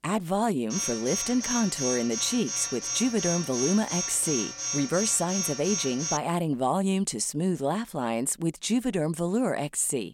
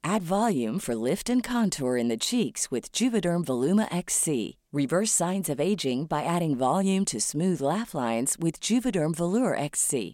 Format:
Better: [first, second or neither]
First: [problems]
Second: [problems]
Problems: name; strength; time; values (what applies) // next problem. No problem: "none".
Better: second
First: alarm; noticeable; from 0.5 to 6 s; peak 1 dB below the speech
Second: none